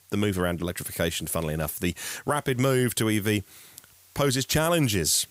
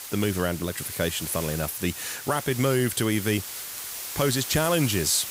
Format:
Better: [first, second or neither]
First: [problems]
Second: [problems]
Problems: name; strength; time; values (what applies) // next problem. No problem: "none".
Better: first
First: hiss; faint; throughout; 30 dB below the speech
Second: hiss; loud; throughout; 8 dB below the speech